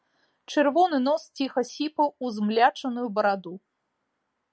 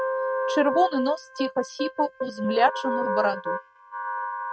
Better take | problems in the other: first | noise reduction (neural mask model RNNoise)

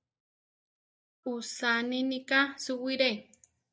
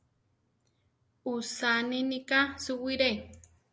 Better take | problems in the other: second | noise reduction (neural mask model DeepFilterNet 3)

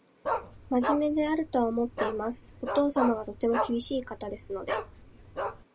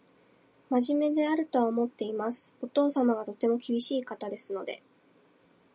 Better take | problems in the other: second | background sound (Bark); 5 dB below the speech

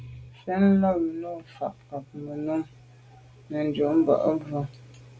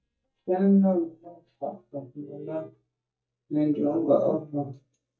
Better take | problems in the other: first | noise reduction (neural mask model DeepFilterNet 3)

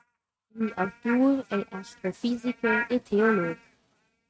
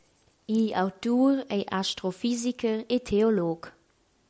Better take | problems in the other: second | noise reduction (neural mask model RNNoise)

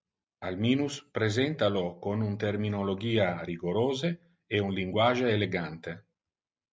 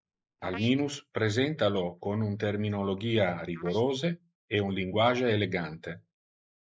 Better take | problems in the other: first | noise reduction (neural mask model Resemble Enhance denoiser)

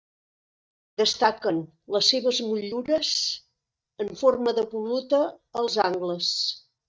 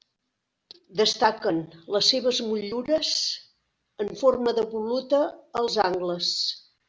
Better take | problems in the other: second | noise reduction (neural mask model DeepFilterNet 3)

